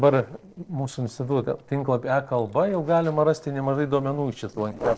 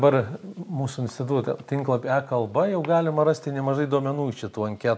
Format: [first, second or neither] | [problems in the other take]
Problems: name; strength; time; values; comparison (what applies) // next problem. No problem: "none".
second | noise reduction (neural separator model SepFormer DNS4)